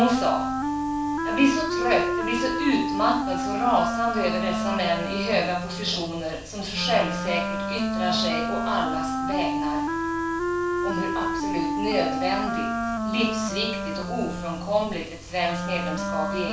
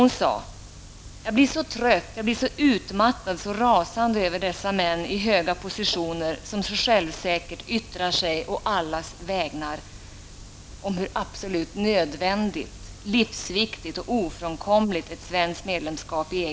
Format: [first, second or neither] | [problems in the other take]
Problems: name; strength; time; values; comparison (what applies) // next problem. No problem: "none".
second | background sound (Wind instrument, woodwind instrument); 1 dB below the speech // room echo; dies away in 0.4 s